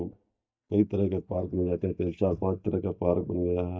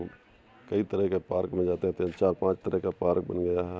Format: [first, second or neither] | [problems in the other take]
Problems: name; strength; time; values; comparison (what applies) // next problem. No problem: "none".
second | noise reduction (neural mask model DeepFilterNet 3)